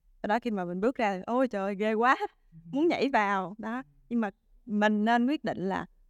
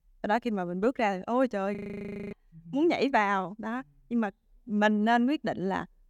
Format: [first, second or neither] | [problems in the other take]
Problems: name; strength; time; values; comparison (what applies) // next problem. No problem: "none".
first | audio freezing; at 2 s for 0.5 s